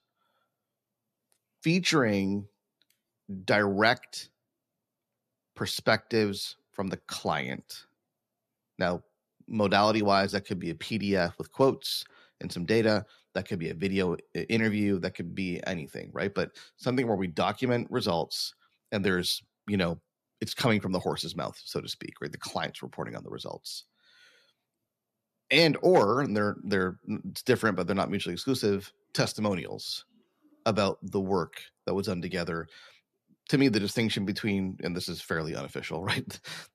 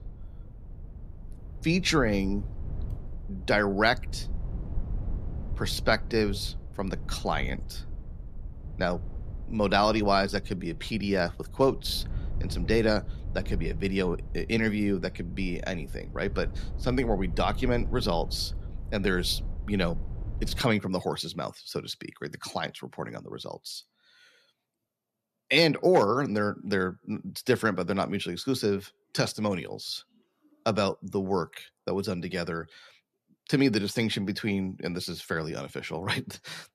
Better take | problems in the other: first | low rumble; faint; until 21 s; 25 dB below the speech

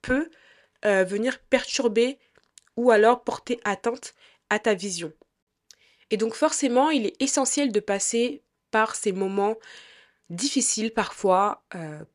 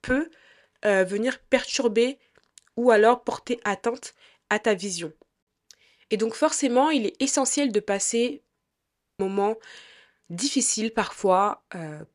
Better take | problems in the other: first | audio cutting out; at 8.5 s

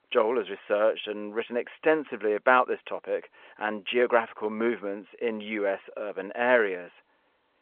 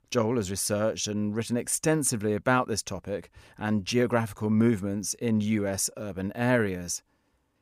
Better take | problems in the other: second | phone-call audio

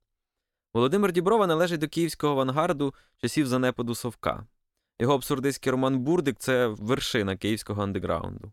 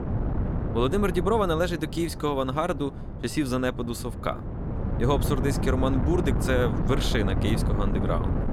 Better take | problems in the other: first | wind noise on the microphone; heavy; 8 dB below the speech

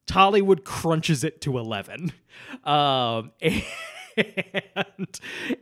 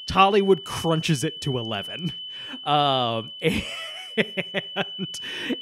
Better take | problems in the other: first | high-pitched whine; loud; throughout; 3 kHz, 10 dB below the speech

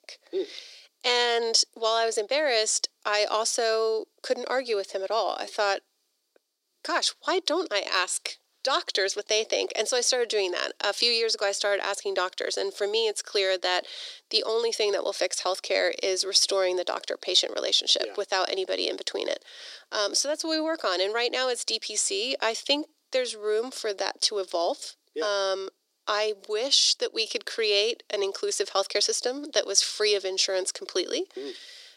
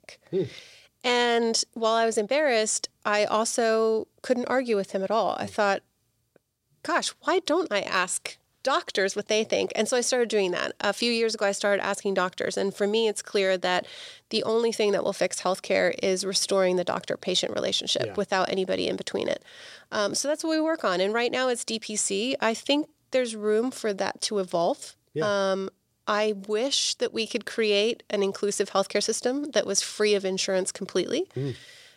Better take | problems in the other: second | thin; somewhat; fading below 300 Hz

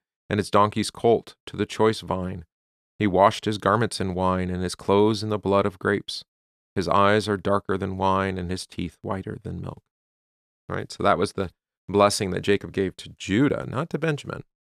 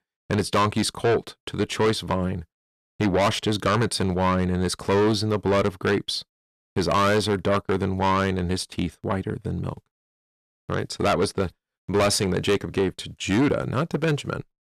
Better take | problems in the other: first | distortion; heavy; 6 dB below the speech

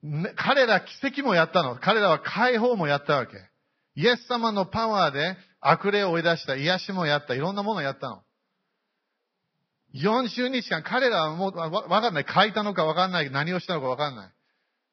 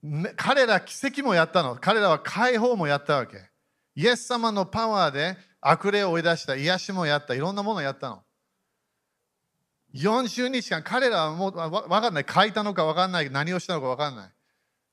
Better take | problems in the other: second | garbled, watery; badly; nothing above 5.5 kHz

